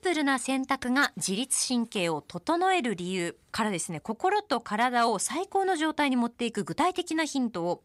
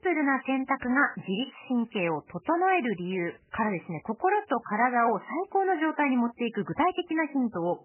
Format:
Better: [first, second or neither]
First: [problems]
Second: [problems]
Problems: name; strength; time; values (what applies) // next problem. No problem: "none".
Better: first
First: none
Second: garbled, watery; badly; nothing above 3 kHz